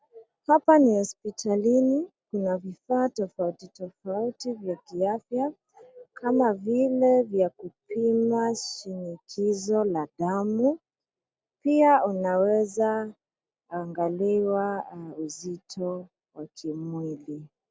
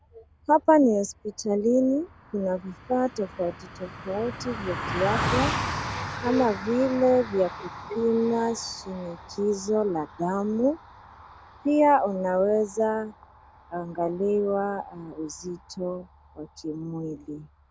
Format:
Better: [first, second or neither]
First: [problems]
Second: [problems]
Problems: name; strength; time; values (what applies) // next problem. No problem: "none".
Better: first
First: none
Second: background sound (Car passing by); 11 dB below the speech